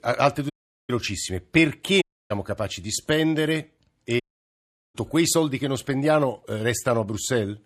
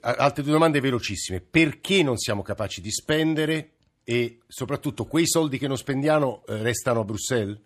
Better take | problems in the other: second | audio cutting out; at 0.5 s, at 2 s and at 4 s for 0.5 s

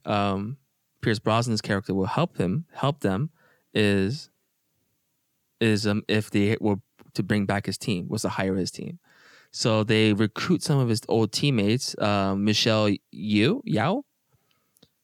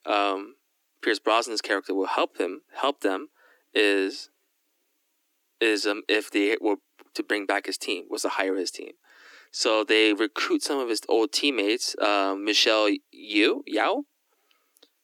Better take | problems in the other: first | thin; somewhat; fading below 300 Hz

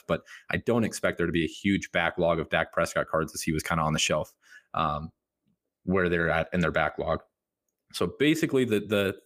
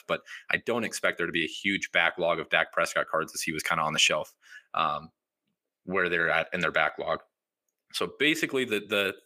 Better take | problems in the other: first | thin; somewhat; fading below 950 Hz

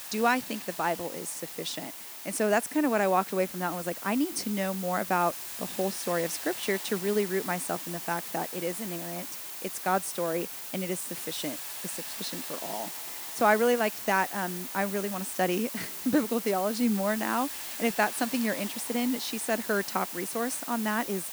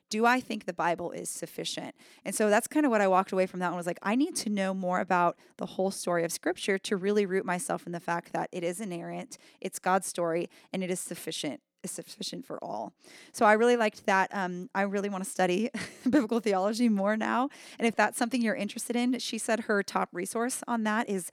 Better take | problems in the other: second | hiss; loud; throughout; 6 dB below the speech

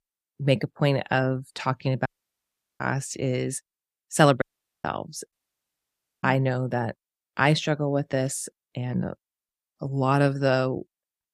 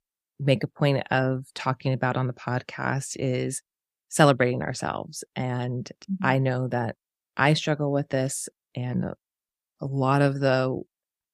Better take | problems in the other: second | audio cutting out; at 2 s for 0.5 s, at 4.5 s and at 5.5 s for 1 s

